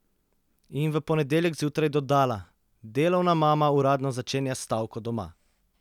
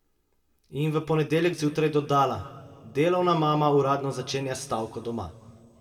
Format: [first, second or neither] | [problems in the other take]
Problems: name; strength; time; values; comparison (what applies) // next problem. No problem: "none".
first | room echo; dies away in 1.7 s